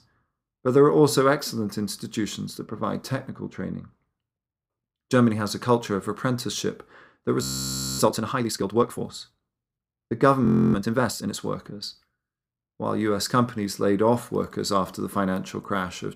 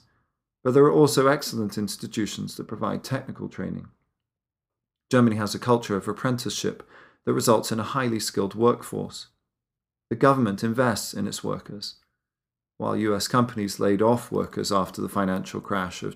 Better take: second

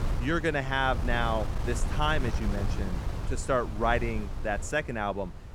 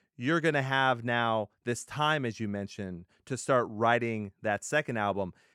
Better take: second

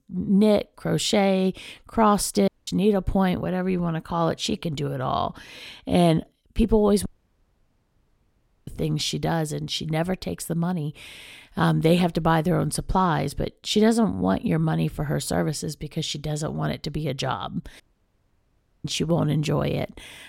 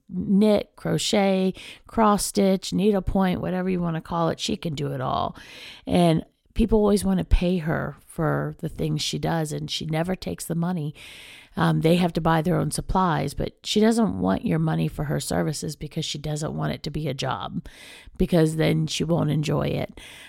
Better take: second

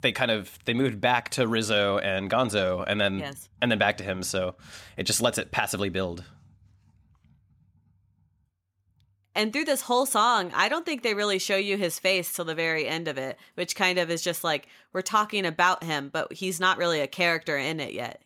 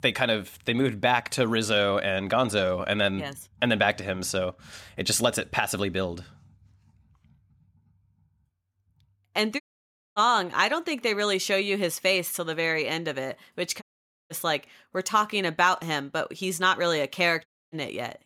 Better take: first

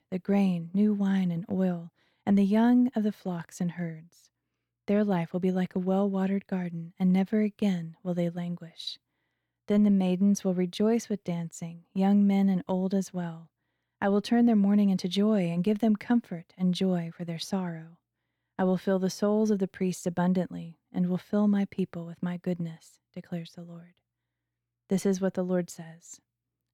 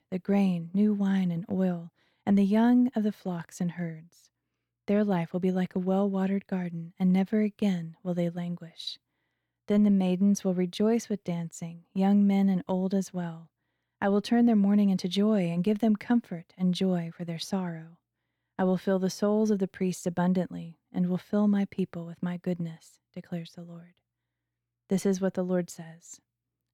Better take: neither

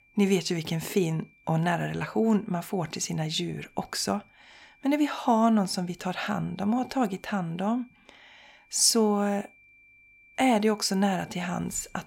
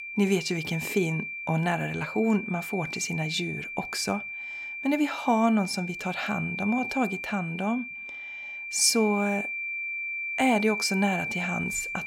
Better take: first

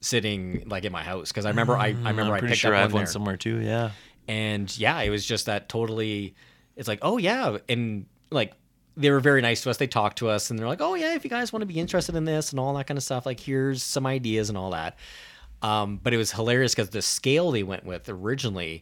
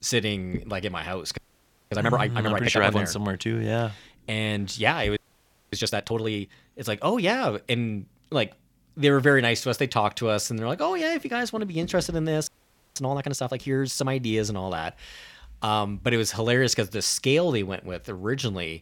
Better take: first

